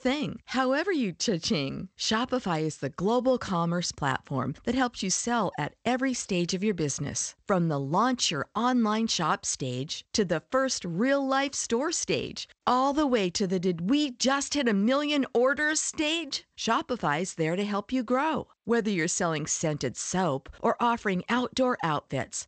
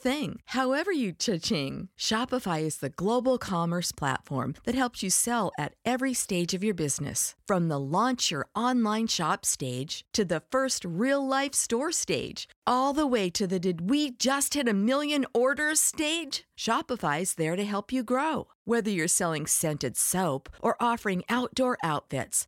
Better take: second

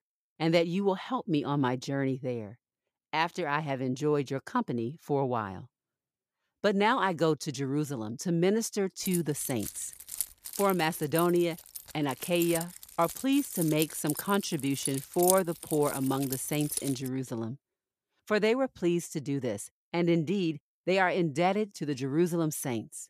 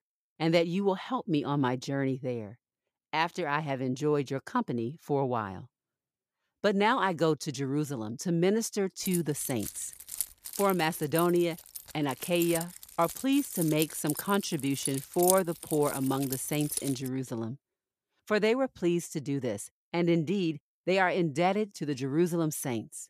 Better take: neither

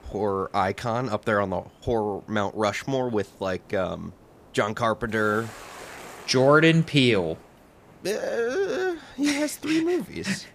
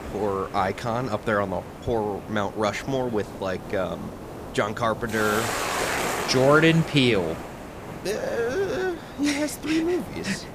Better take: first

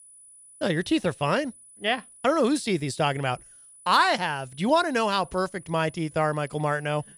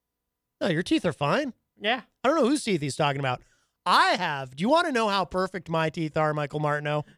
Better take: second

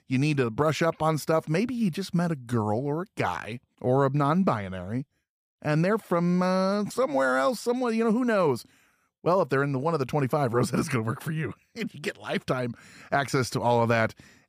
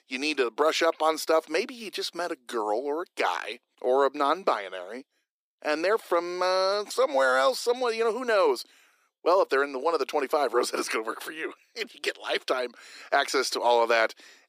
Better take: first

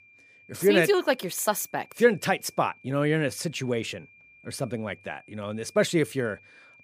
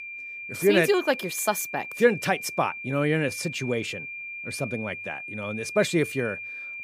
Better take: first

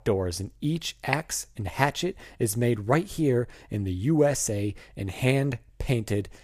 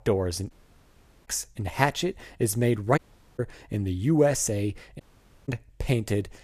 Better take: first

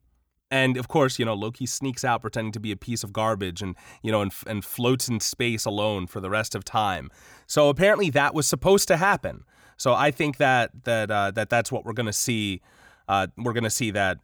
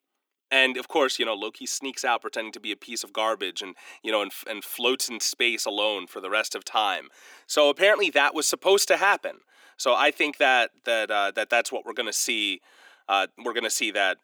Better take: first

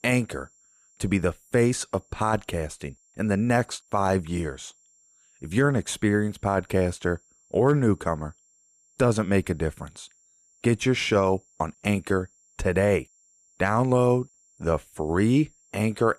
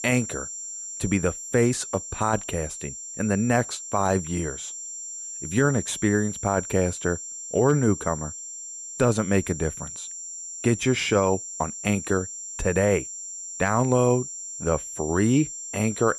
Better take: first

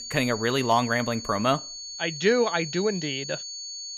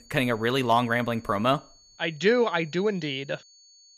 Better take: second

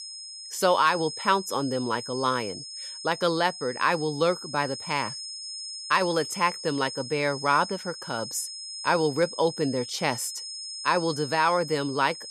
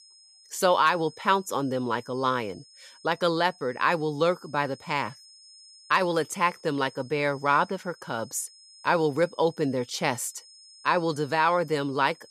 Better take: second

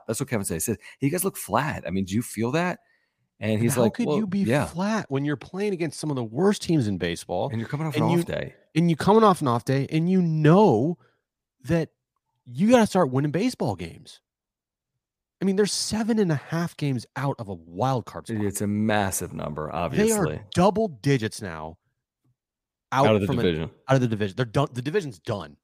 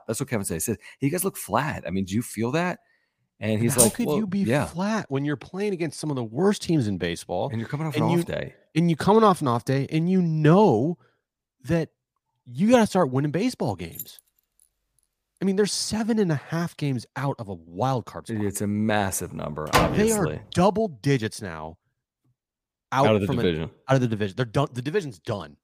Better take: first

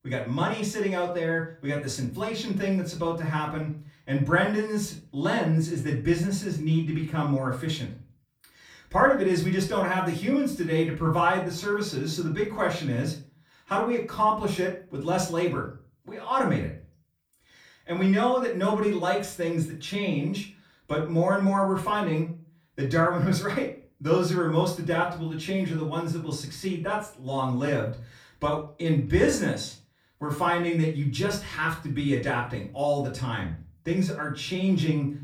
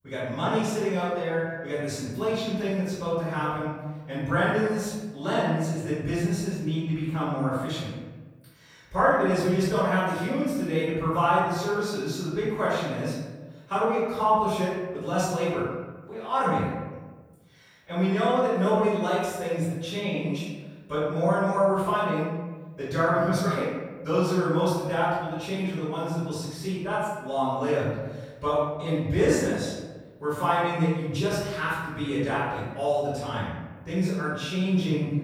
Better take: first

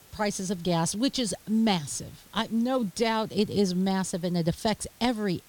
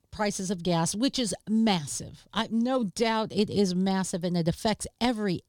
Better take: second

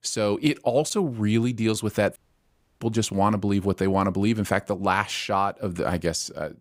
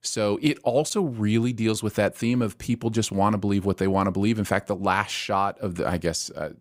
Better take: second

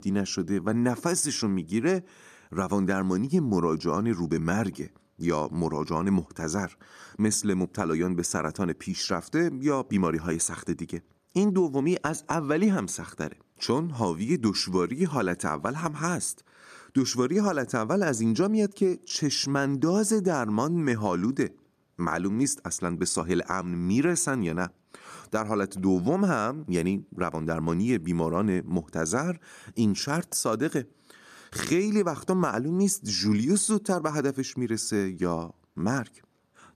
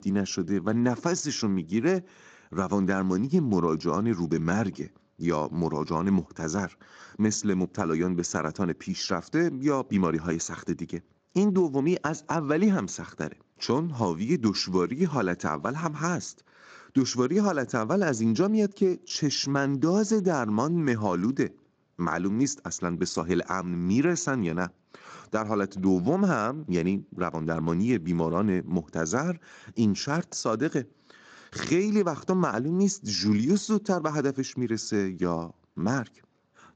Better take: first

